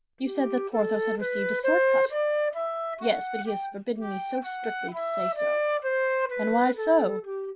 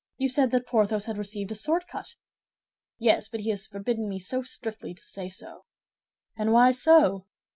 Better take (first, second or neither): second